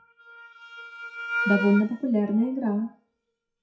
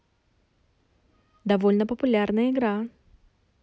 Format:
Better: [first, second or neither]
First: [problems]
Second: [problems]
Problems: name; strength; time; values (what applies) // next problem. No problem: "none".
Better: second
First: noise reduction (classical method WPE with log-MMSE)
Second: none